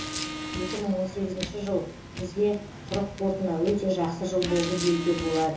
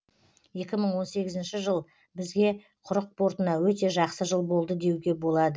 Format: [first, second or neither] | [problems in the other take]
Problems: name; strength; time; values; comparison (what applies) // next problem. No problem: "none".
second | background sound (Car); 8 dB below the speech // room echo; dies away in 0.6 s